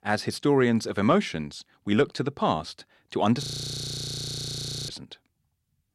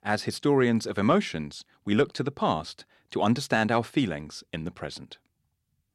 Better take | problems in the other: second | audio freezing; at 3.5 s for 1.5 s

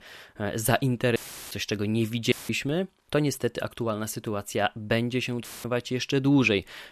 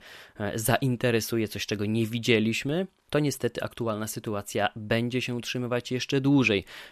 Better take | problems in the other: second | audio cutting out; filled with static; at 1 s, at 2.5 s and at 5.5 s

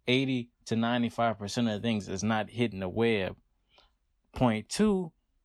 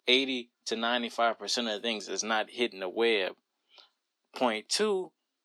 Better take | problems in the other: first | thin; somewhat; fading below 300 Hz

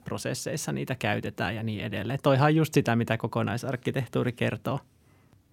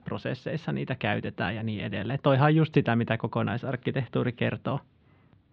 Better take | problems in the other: first | muffled; very; fading above 3.5 kHz

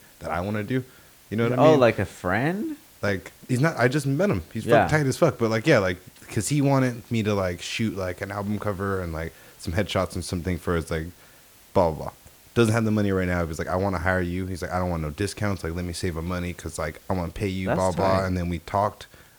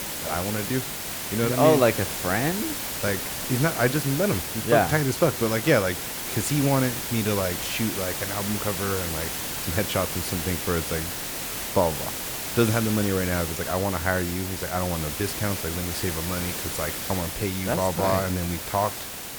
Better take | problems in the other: first | hiss; loud; throughout; 3 dB below the speech; faint in the first

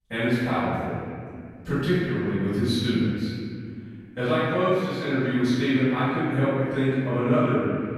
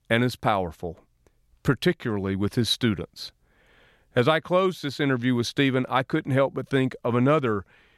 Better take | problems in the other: second | off-mic speech; far // room echo; strong; dies away in 2.4 s

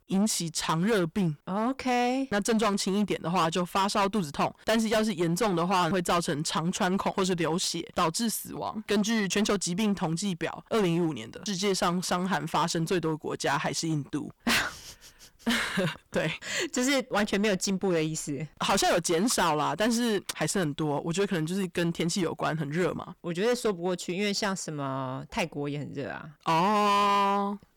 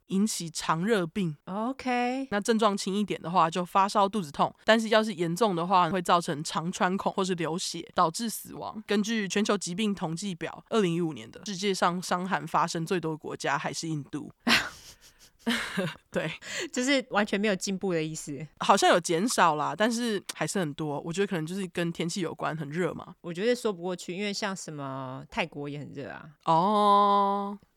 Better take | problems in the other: second | distortion; heavy; 13% of the sound clipped

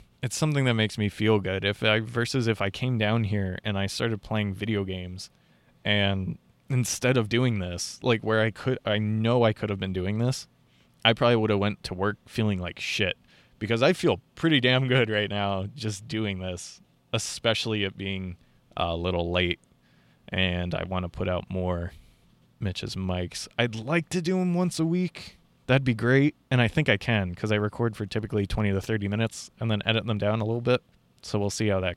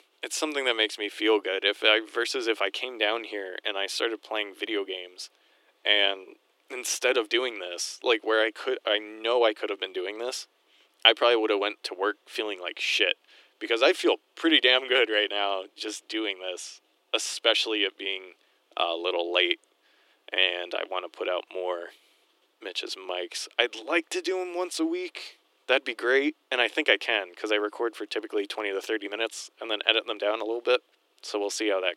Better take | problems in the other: first | thin; very; fading below 300 Hz

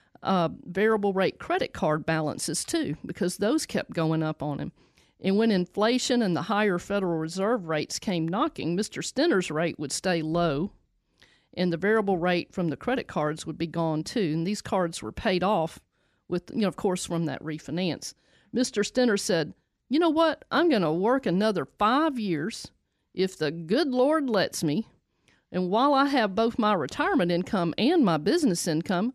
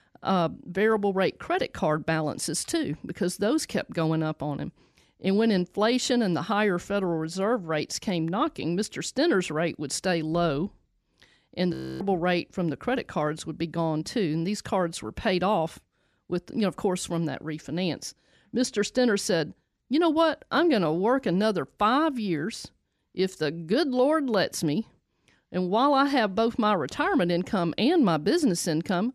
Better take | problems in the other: first | audio freezing; at 12 s

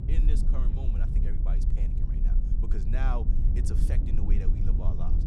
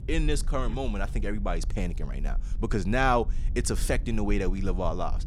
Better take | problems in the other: second | low rumble; loud; throughout; 2 dB below the speech; faint in the second

